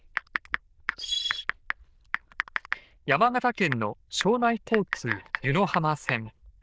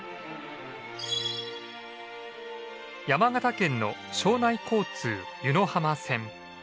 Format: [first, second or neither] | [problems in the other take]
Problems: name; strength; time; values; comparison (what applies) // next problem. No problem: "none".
second | noise reduction (neural diffusion model UNIVERSE++)